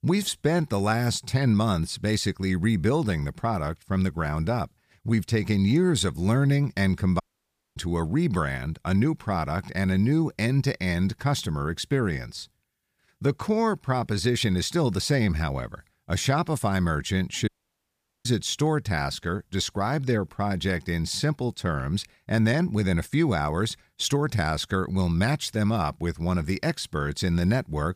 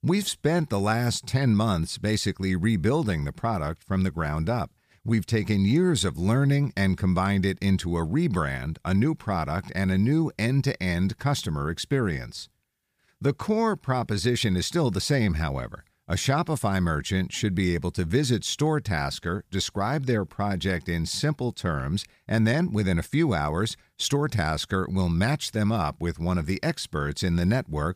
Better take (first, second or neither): second